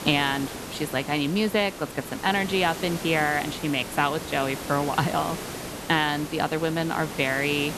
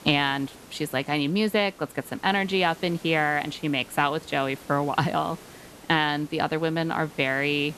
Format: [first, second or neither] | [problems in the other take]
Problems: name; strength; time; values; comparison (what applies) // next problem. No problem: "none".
second | hiss; loud; throughout; 10 dB below the speech; faint in the second